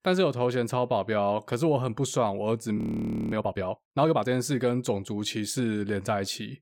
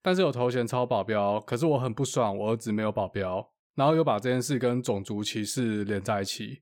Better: second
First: audio freezing; at 3 s for 0.5 s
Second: none

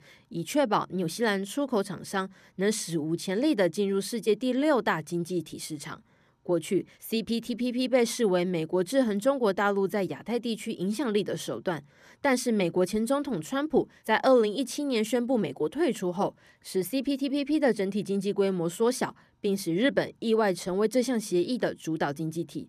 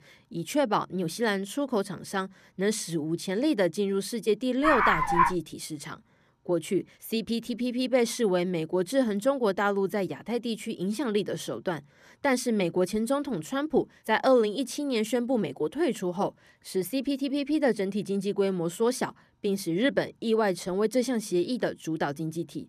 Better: first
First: none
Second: dog barking; loud; at 4.5 s; peak 5 dB above the speech

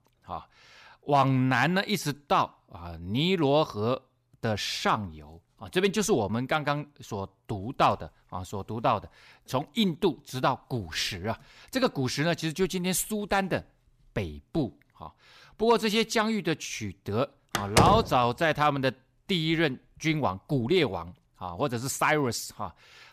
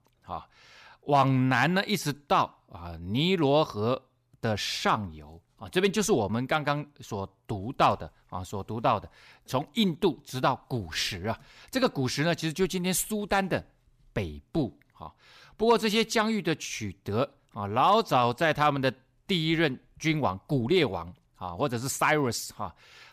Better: second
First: door banging; loud; at 18 s; peak 4 dB above the speech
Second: none

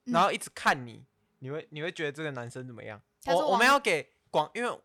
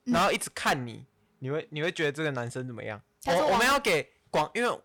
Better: first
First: none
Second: distortion; heavy; 9% of the sound clipped

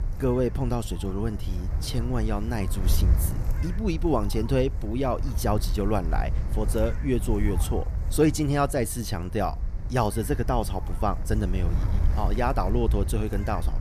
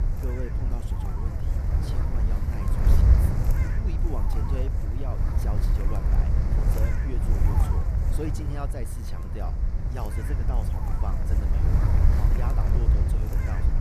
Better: first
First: wind noise on the microphone; occasional gusts; 15 dB below the speech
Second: wind noise on the microphone; heavy; 3 dB above the speech

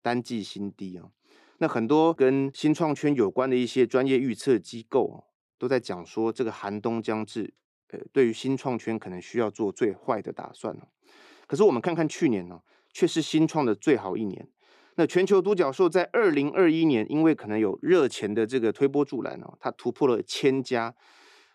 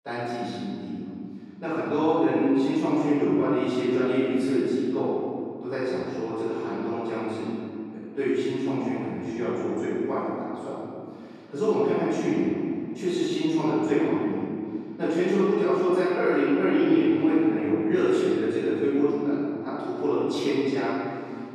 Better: first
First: none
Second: room echo; strong; dies away in 2.4 s // off-mic speech; far

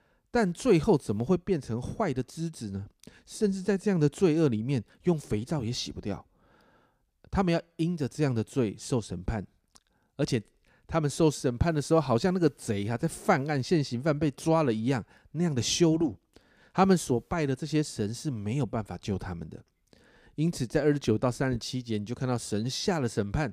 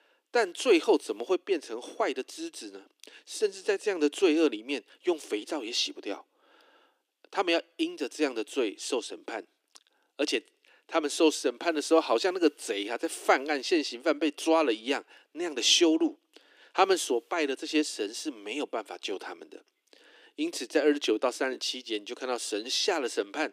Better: first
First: none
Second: thin; somewhat; fading below 300 Hz

